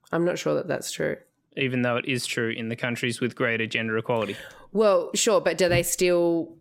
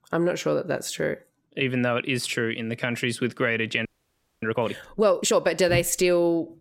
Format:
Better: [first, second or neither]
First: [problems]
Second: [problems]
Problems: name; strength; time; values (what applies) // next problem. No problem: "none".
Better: first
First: none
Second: audio freezing; at 4 s for 0.5 s